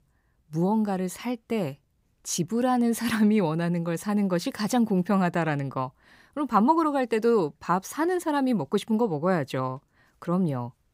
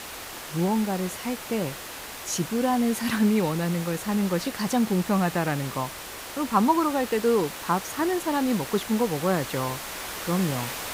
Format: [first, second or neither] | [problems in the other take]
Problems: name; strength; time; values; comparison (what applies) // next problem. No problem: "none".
first | hiss; loud; throughout; 9 dB below the speech